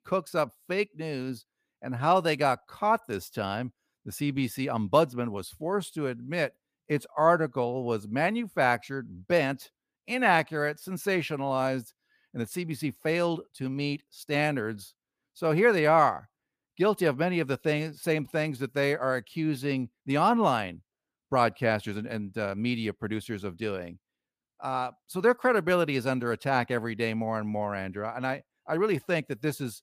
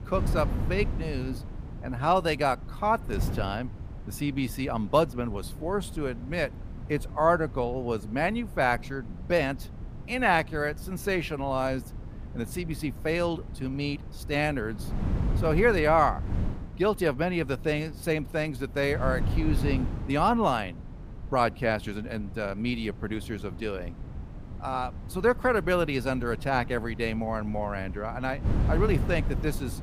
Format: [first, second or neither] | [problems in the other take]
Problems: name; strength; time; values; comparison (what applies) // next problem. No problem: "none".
first | wind noise on the microphone; occasional gusts; 20 dB below the speech